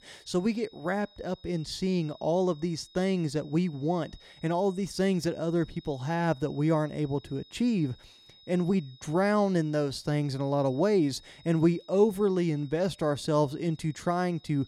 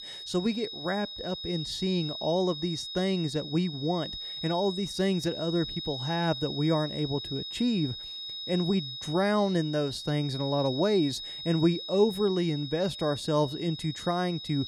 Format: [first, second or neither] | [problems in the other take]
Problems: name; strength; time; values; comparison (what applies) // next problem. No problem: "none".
first | high-pitched whine; loud; throughout; 4 kHz, 7 dB below the speech; faint in the first